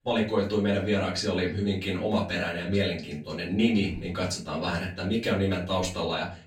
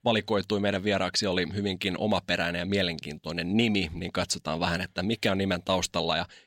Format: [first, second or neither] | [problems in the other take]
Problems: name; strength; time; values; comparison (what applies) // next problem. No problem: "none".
second | room echo; slight; dies away in 0.3 s // off-mic speech; far